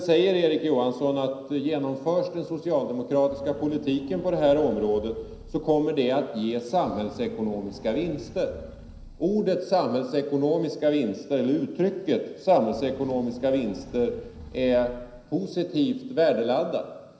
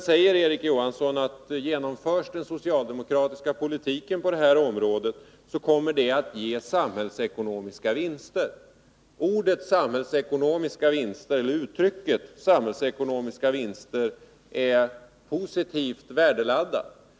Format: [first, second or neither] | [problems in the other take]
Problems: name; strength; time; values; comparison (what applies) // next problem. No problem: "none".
second | background sound (Engine / Car); 18 dB below the speech // room echo; dies away in 0.9 s